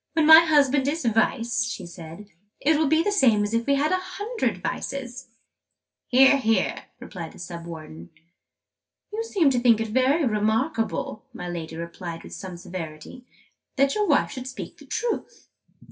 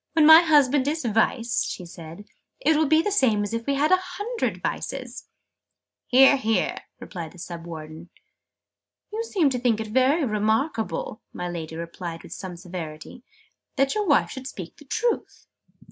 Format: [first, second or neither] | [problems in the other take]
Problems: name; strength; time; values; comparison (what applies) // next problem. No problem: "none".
second | room echo; dies away in 0.2 s